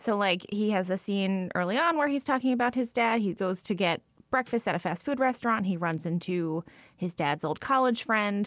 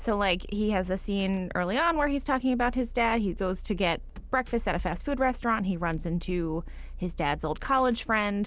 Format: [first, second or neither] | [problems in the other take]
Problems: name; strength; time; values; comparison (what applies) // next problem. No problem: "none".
first | background sound (Engine / Car); 11 dB below the speech